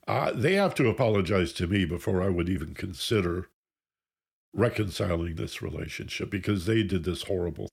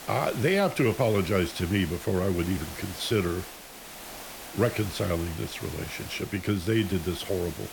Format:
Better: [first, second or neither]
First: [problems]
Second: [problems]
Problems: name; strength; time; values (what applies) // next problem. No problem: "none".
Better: first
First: none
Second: hiss; noticeable; throughout; 10 dB below the speech